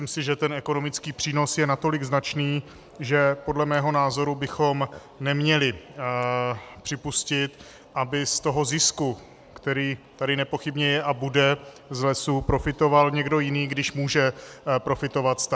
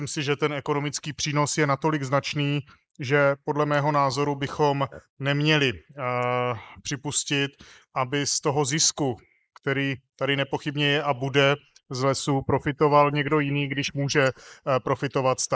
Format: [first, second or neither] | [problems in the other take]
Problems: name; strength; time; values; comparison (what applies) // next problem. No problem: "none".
first | noise reduction (neural mask model Resemble Enhance denoiser)